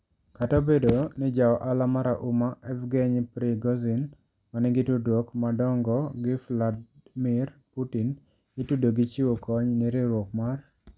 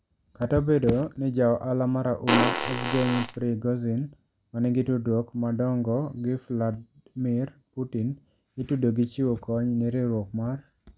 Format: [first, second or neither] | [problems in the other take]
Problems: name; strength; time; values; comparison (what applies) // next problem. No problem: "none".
first | background sound (Fart); 1 dB below the speech